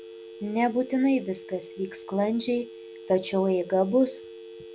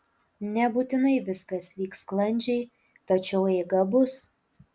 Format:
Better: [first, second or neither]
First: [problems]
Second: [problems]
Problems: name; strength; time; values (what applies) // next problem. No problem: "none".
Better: second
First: background sound (Telephone); 16 dB below the speech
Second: none